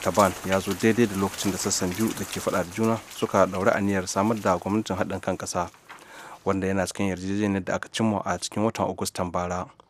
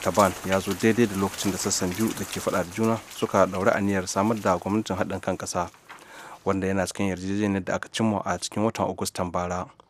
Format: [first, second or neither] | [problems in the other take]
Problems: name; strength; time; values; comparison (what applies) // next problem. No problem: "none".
neither | rain or running water; noticeable; throughout; 10 dB below the speech; the same in both